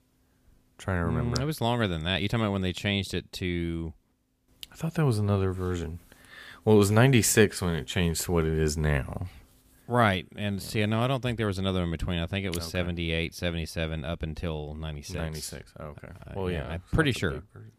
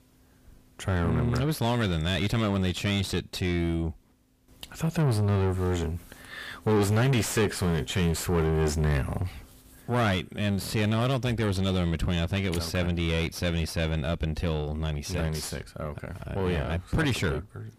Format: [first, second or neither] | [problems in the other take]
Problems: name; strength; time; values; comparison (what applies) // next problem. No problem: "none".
first | distortion; heavy; 6 dB below the speech